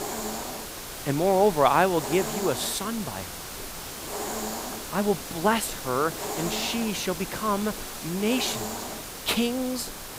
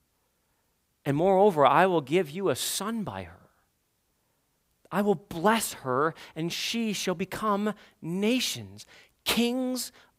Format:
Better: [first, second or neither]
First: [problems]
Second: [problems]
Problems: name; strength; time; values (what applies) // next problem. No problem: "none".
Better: second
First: hiss; loud; throughout; 7 dB below the speech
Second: none